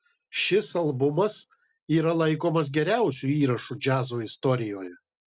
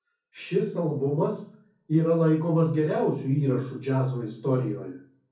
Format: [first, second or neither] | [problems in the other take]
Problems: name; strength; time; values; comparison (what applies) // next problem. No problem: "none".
first | room echo; dies away in 0.6 s